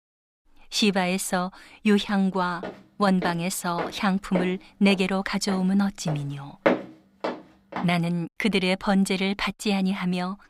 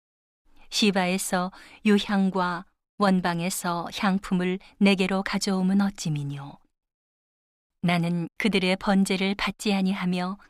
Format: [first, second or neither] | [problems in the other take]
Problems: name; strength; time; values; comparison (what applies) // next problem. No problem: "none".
second | footsteps; loud; from 2.5 to 8 s; peak level with the speech